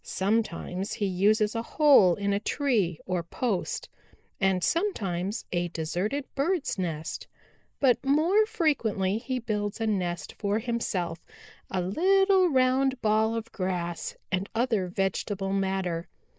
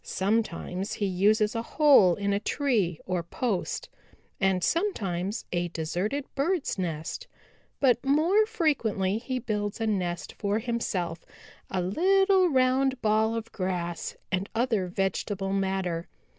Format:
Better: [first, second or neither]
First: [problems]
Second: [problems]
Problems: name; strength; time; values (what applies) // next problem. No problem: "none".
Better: second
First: noise reduction (neural mask model Resemble Enhance denoiser)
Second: none